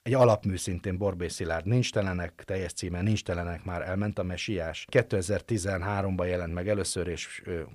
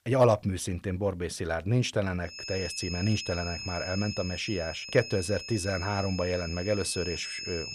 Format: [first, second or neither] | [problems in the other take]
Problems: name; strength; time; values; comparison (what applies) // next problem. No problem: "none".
first | high-pitched whine; loud; from 2.5 s on; 5 kHz, 7 dB below the speech